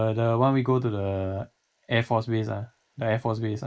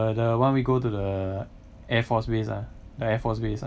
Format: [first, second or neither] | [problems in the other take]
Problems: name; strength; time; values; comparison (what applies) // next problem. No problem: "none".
second | noise reduction (neural mask model Resemble Enhance denoiser)